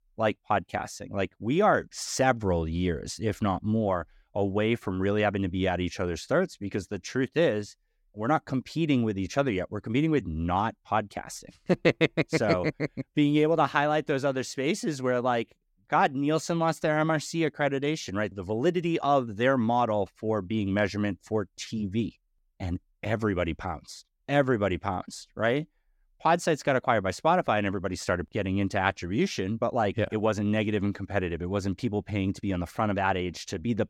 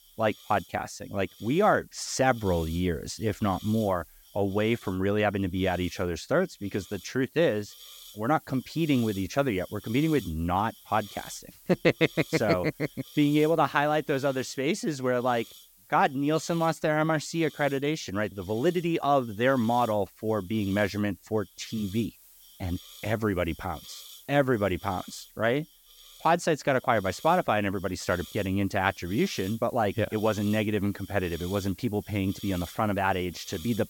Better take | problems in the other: first | hiss; noticeable; throughout; 20 dB below the speech

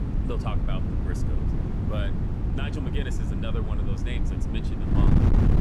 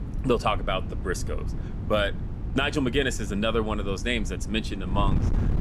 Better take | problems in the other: second | wind noise on the microphone; heavy; 2 dB above the speech; occasional gusts in the second

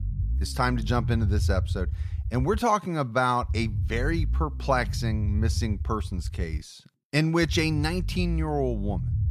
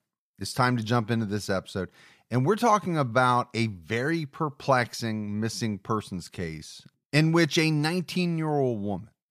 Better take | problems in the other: second | low rumble; noticeable; throughout; 20 dB below the speech

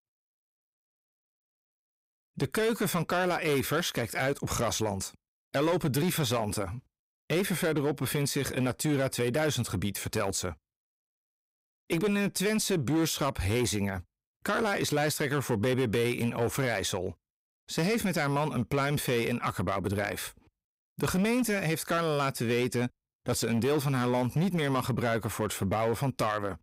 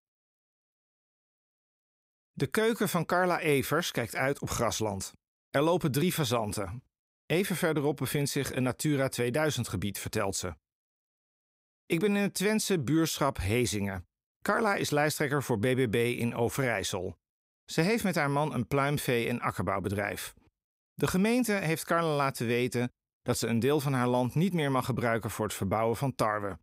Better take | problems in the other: second | distortion; slight; 9% of the sound clipped

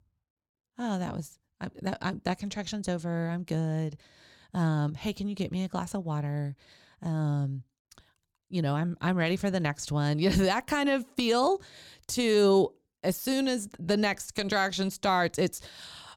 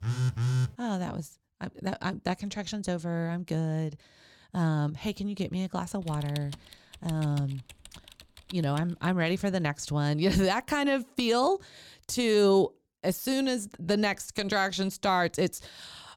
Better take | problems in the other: first | phone ringing; loud; at the start; peak 1 dB above the speech // keyboard typing; faint; from 6 to 9 s; peak 15 dB below the speech

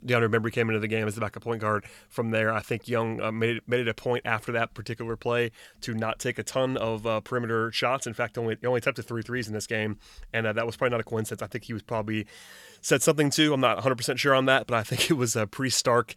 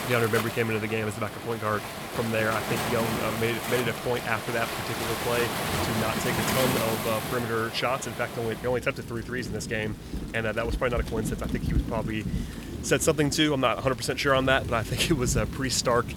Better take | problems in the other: first | rain or running water; loud; throughout; 4 dB below the speech

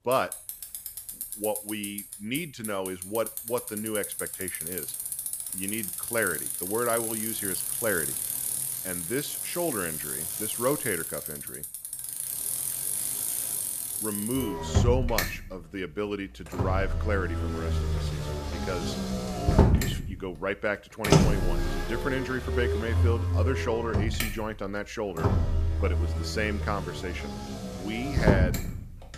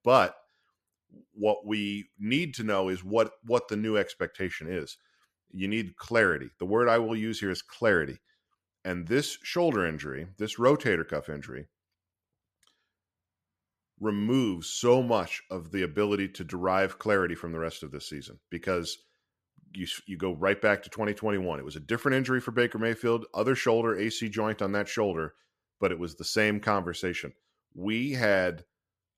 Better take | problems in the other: second | traffic noise; very loud; throughout; 3 dB above the speech

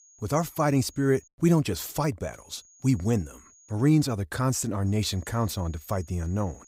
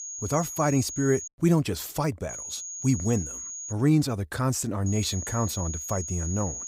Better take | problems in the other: first | high-pitched whine; loud; until 1.5 s, from 2.5 to 3.5 s and from 5 s on; 6.5 kHz, 7 dB below the speech; faint in the first

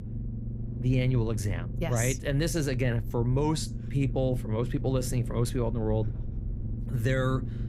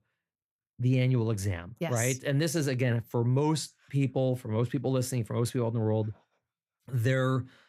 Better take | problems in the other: second | low rumble; noticeable; throughout; 15 dB below the speech

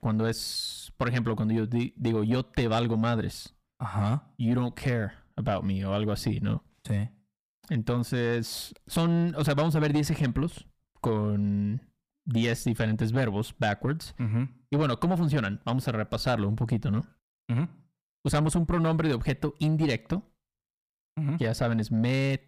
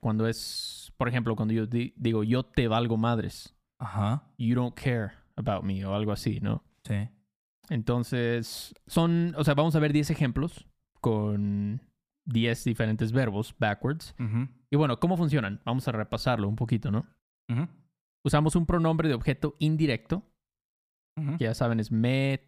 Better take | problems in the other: second | distortion; slight; 10 dB below the speech

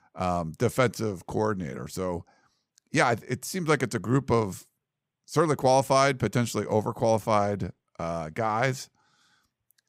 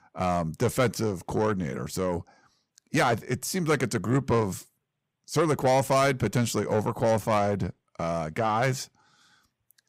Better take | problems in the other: first | distortion; slight; 10 dB below the speech

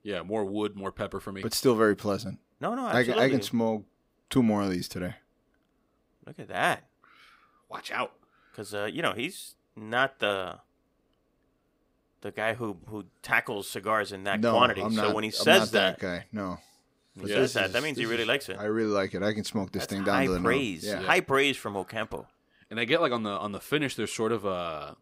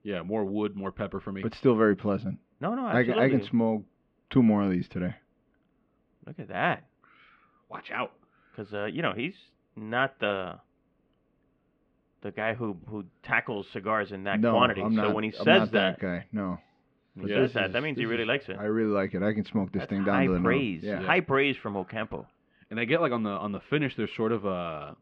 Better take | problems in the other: first | muffled; very; fading above 3 kHz

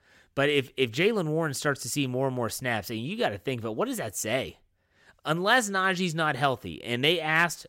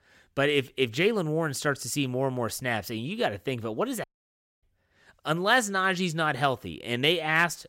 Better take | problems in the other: first | audio cutting out; at 4 s for 0.5 s

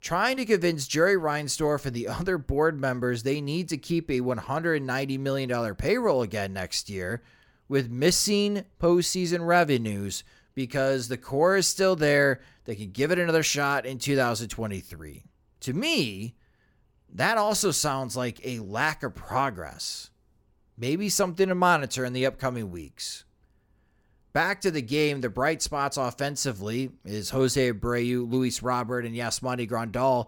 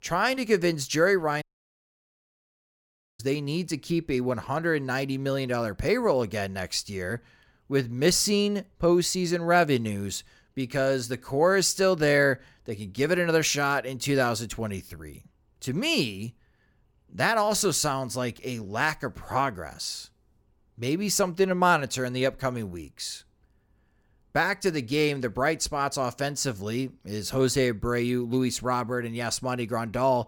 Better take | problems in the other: first | audio cutting out; at 1.5 s for 2 s

